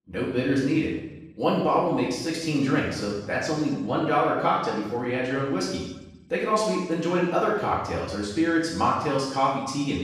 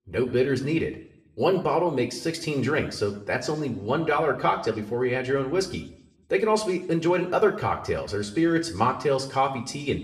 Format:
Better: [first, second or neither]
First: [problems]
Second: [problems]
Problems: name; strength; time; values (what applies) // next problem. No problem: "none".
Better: second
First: room echo; strong; dies away in 0.8 s // off-mic speech; far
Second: room echo; slight; dies away in 0.6 s // off-mic speech; somewhat distant